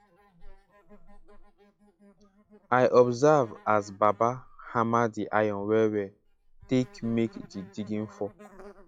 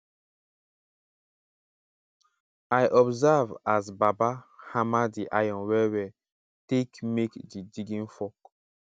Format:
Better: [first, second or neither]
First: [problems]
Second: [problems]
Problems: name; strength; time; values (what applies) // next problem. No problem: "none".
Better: second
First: noise reduction (classical method log-MMSE)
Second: none